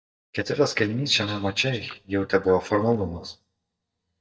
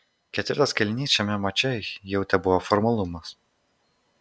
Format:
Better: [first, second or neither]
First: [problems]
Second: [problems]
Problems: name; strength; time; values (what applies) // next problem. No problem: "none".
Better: second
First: noise reduction (neural mask model DeepFilterNet 3)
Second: none